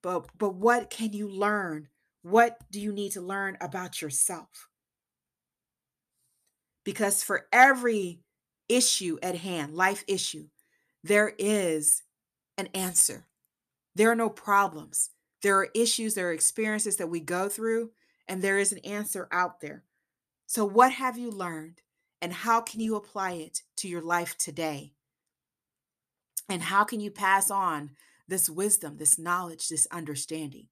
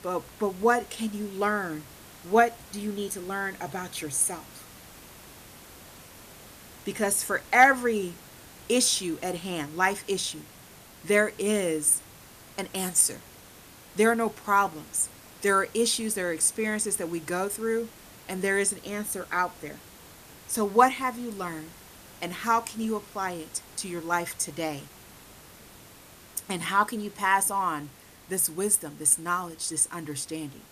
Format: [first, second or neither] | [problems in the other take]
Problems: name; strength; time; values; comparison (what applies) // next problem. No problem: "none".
first | hiss; faint; throughout; 20 dB below the speech